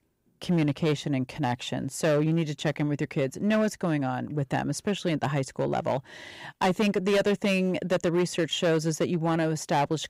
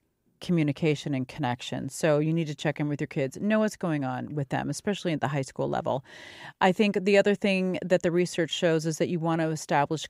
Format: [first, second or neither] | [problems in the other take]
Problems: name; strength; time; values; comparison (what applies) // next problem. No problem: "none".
second | distortion; slight; 8% of the sound clipped